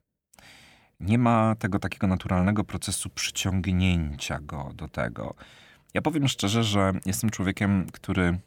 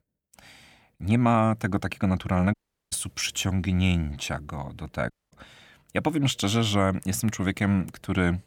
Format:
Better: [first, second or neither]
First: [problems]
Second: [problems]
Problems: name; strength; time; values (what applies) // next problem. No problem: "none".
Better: first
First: none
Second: audio cutting out; at 2.5 s and at 5 s